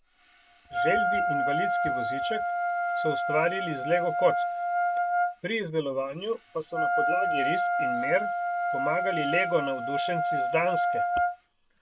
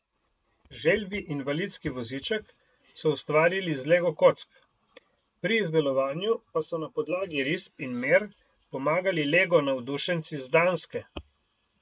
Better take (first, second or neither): second